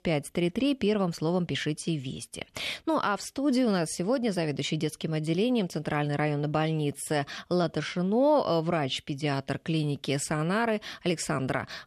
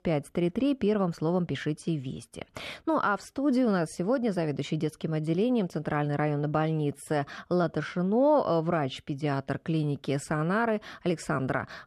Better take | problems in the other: first | muffled; slightly; fading above 1.5 kHz

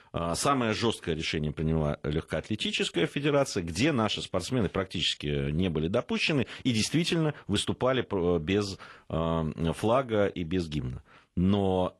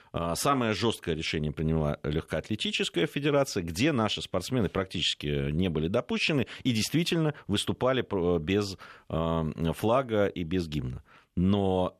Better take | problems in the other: second | garbled, watery; slightly; nothing above 11 kHz

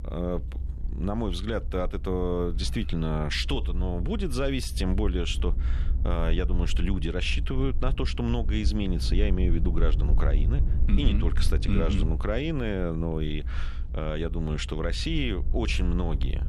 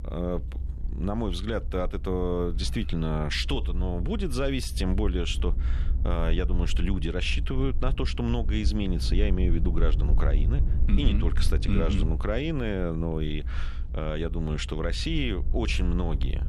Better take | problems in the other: neither | low rumble; noticeable; throughout; 15 dB below the speech; the same in both

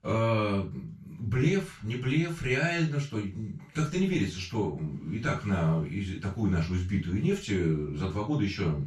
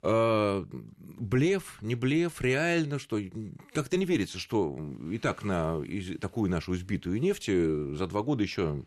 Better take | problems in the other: second | room echo; noticeable; dies away in 0.2 s // off-mic speech; far

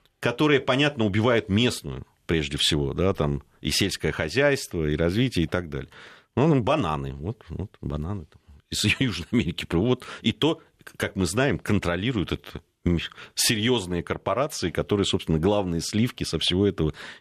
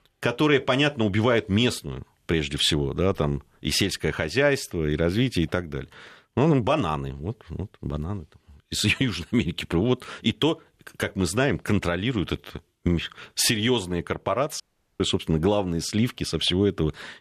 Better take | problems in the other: first | audio cutting out; at 15 s

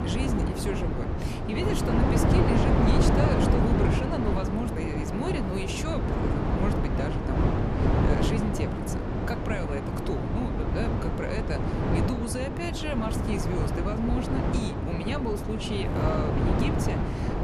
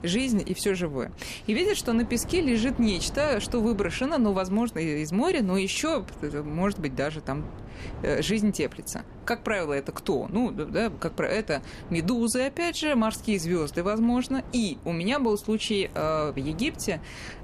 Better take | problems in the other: second | wind noise on the microphone; heavy; 3 dB above the speech; occasional gusts in the second

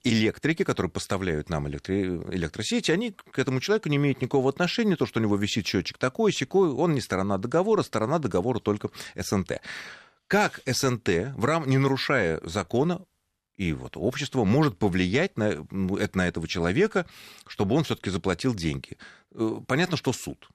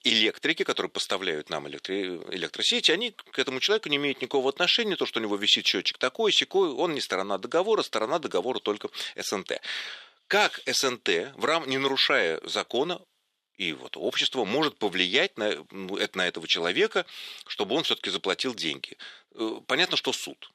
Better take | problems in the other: first | thin; somewhat; fading below 400 Hz

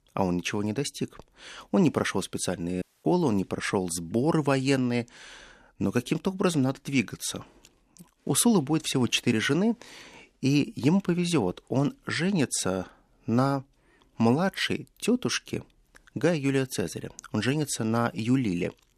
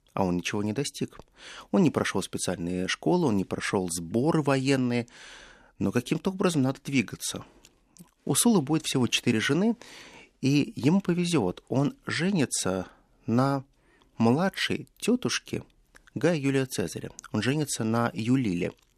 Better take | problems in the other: second | audio cutting out; at 3 s

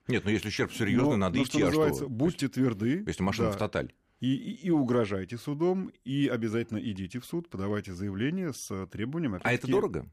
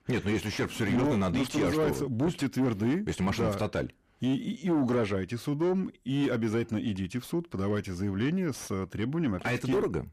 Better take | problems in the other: first | distortion; slight; 10 dB below the speech

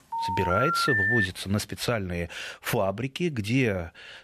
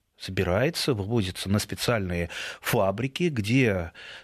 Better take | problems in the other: second | phone ringing; loud; until 1.5 s; peak 6 dB above the speech

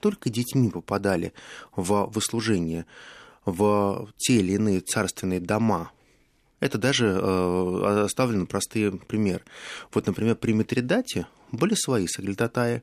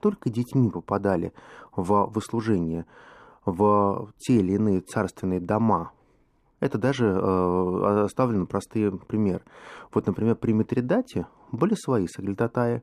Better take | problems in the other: first | muffled; very; fading above 1.5 kHz

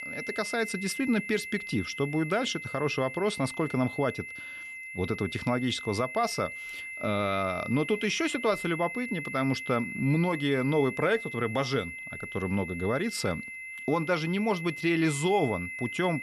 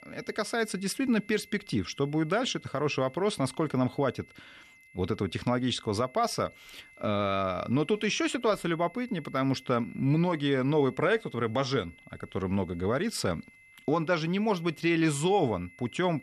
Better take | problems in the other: second | high-pitched whine; loud; throughout; 2 kHz, 8 dB below the speech; faint in the second

